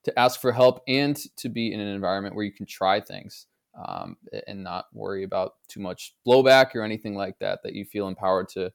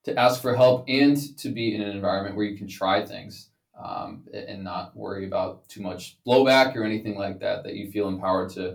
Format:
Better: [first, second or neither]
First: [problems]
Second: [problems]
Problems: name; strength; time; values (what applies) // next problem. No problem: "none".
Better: first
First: none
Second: off-mic speech; far // room echo; very slight; dies away in 0.2 s